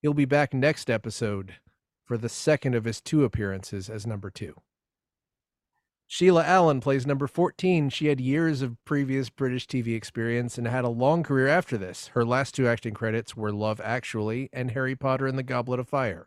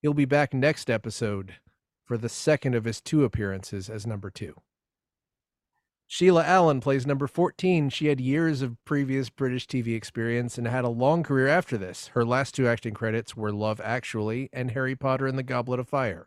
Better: neither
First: none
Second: none

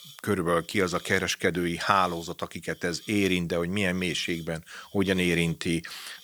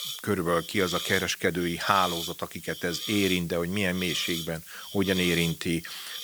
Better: first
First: hiss; faint; throughout; 20 dB below the speech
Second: hiss; loud; throughout; 7 dB below the speech

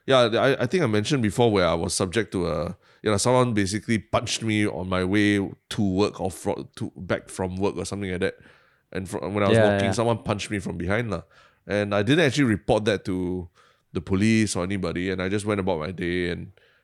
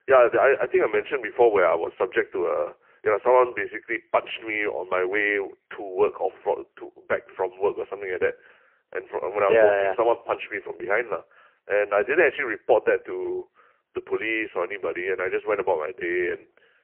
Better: first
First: none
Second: phone-call audio; poor line

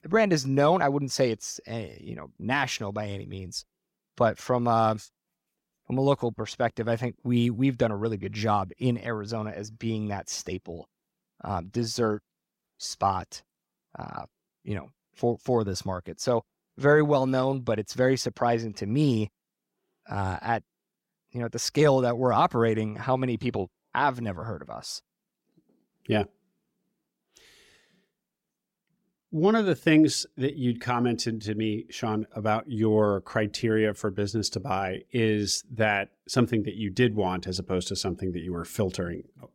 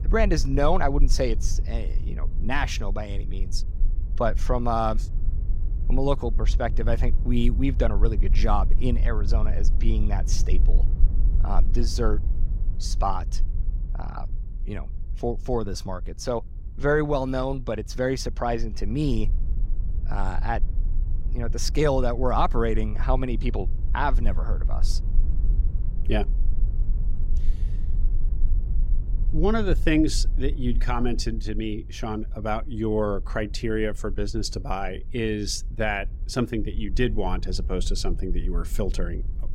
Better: first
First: none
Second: low rumble; faint; throughout; 20 dB below the speech

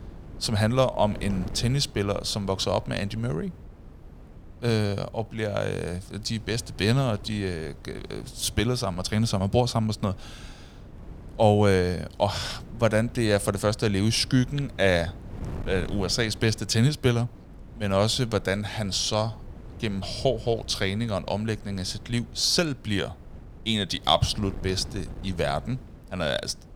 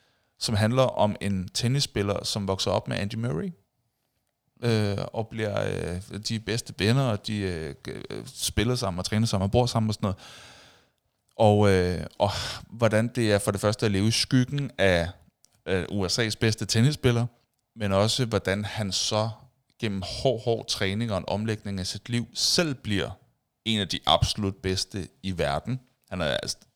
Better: second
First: wind noise on the microphone; occasional gusts; 25 dB below the speech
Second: none

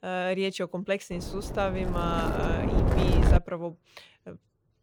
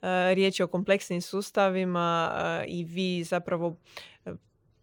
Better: second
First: wind noise on the microphone; heavy; from 1 to 3.5 s; 1 dB below the speech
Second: none

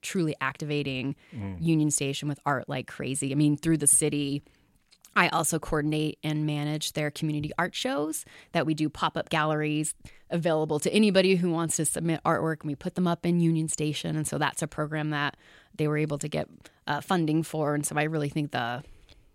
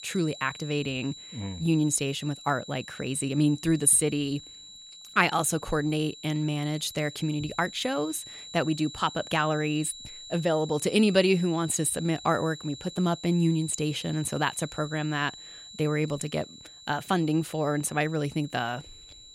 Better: first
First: none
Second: high-pitched whine; noticeable; throughout; 4 kHz, 15 dB below the speech

